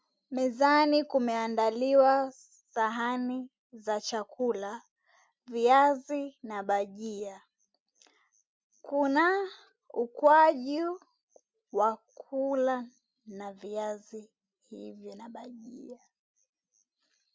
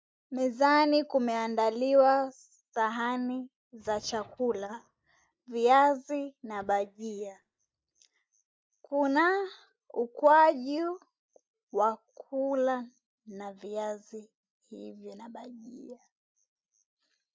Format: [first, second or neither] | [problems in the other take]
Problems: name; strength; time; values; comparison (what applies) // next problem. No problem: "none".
first | noise reduction (neural mask model DeepFilterNet 3)